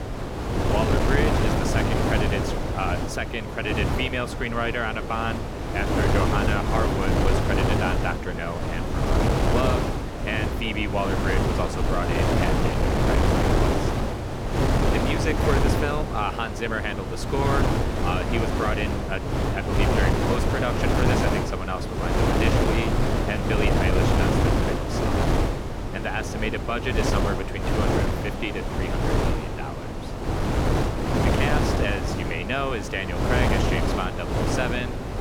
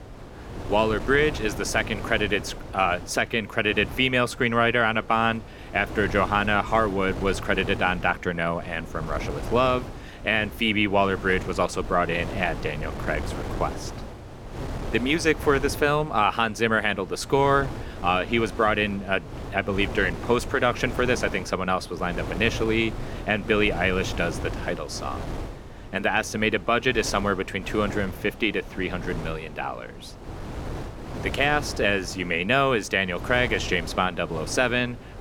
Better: second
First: wind noise on the microphone; heavy; 1 dB above the speech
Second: wind noise on the microphone; occasional gusts; 15 dB below the speech

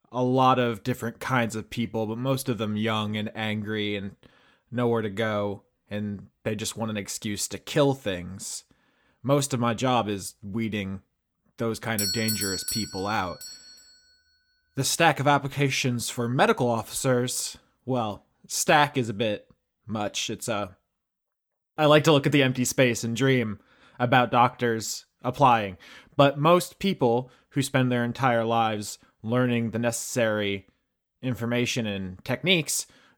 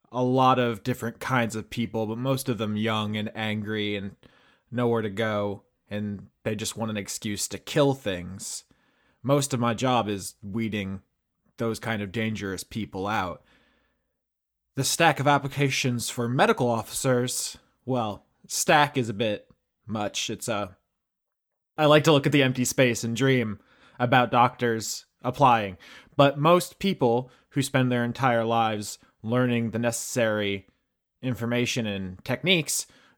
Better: second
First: doorbell; noticeable; from 12 to 14 s; peak 1 dB below the speech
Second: none

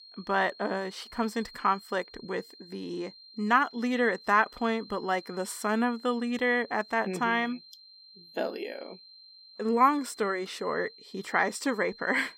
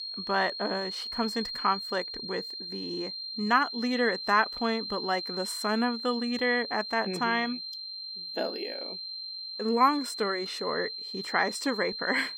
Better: first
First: high-pitched whine; faint; throughout; 4 kHz, 20 dB below the speech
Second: high-pitched whine; loud; throughout; 4 kHz, 6 dB below the speech

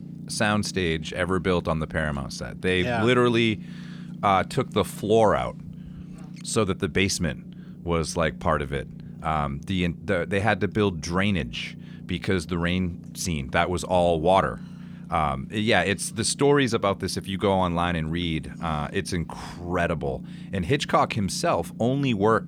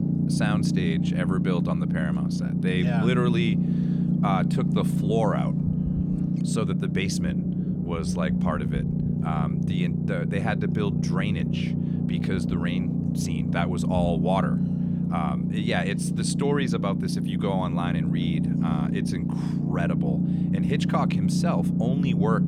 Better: first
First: low rumble; faint; throughout; 25 dB below the speech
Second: low rumble; loud; throughout; 2 dB below the speech

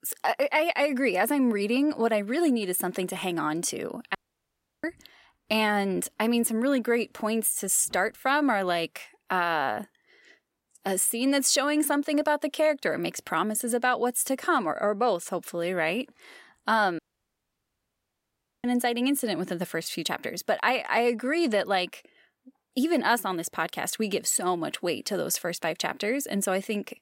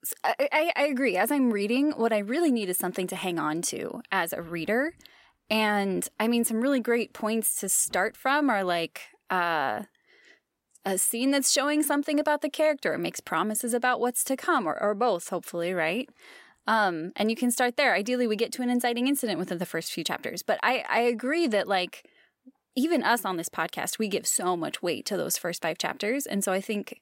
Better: second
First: audio cutting out; at 4 s for 0.5 s and at 17 s for 1.5 s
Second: none

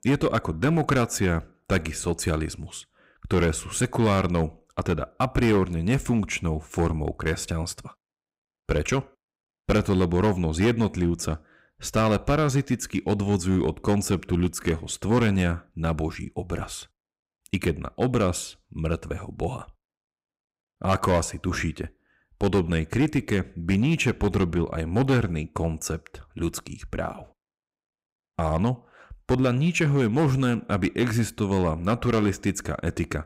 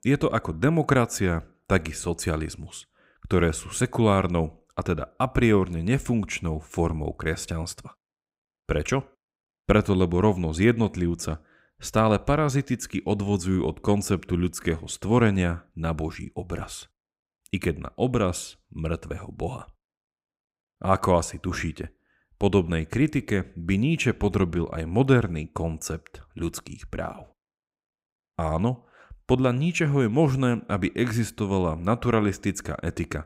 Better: second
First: distortion; slight; 5% of the sound clipped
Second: none

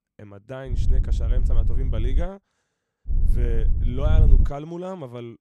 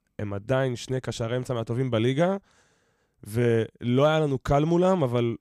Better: second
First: wind noise on the microphone; heavy; from 0.5 to 2 s and from 3 to 4.5 s; 6 dB below the speech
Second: none

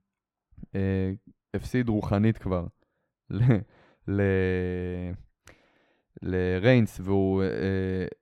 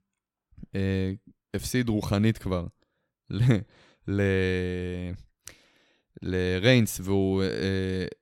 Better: second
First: muffled; slightly; fading above 3 kHz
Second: none

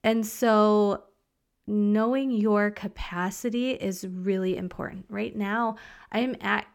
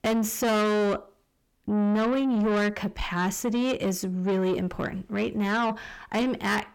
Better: first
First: none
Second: distortion; heavy; 7 dB below the speech

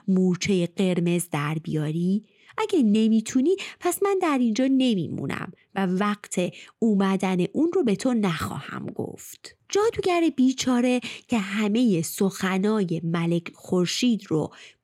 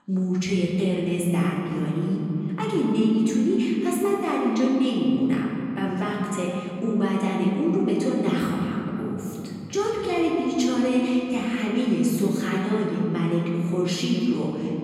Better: first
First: none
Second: room echo; noticeable; dies away in 3 s // off-mic speech; far

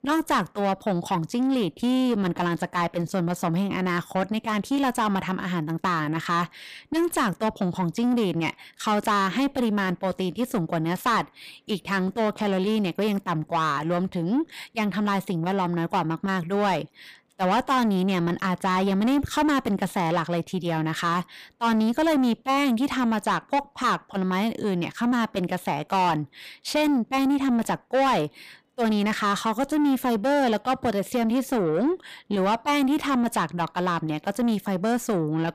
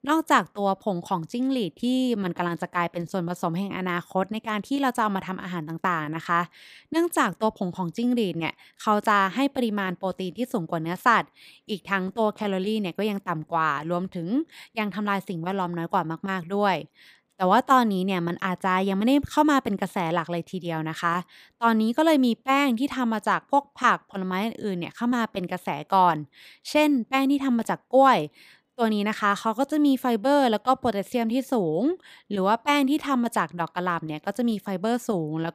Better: second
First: distortion; heavy; 8 dB below the speech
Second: none

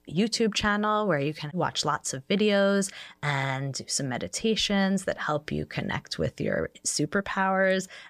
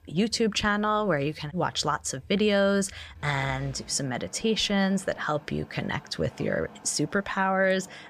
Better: first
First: none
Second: traffic noise; faint; throughout; 25 dB below the speech

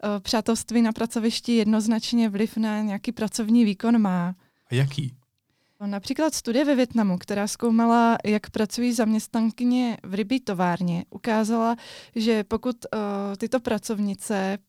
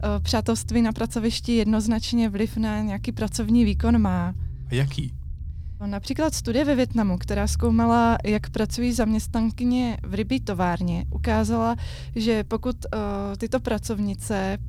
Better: first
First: none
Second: low rumble; faint; throughout; 20 dB below the speech

